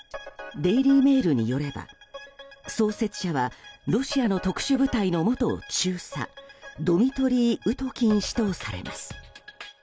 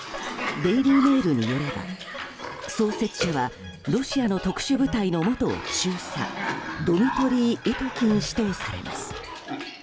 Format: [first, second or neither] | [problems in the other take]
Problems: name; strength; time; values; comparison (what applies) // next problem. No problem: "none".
first | background sound (Cough); 9 dB below the speech